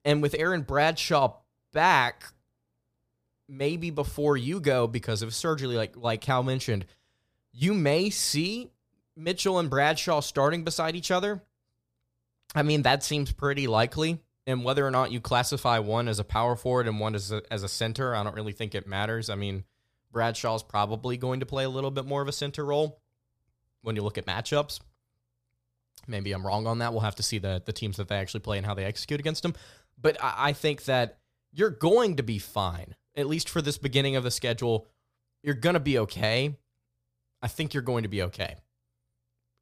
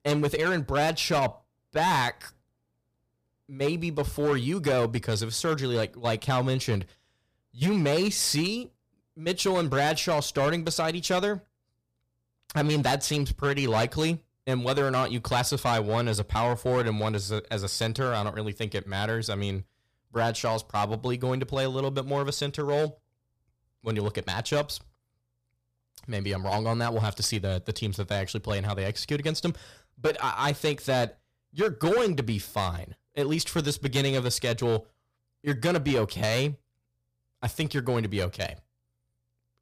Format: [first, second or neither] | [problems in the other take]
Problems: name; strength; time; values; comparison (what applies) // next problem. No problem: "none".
first | distortion; slight; 6% of the sound clipped